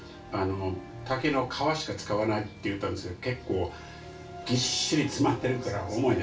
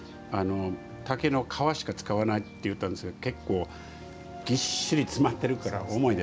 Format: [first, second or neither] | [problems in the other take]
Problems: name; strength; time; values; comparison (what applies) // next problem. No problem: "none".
second | room echo; dies away in 0.3 s